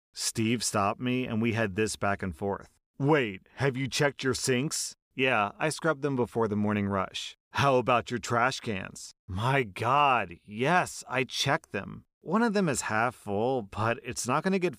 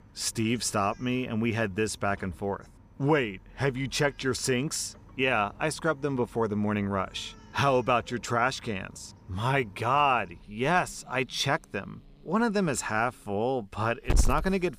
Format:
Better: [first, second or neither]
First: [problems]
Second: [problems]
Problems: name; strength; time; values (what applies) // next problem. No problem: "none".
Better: first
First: none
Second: animal sounds; noticeable; throughout; 15 dB below the speech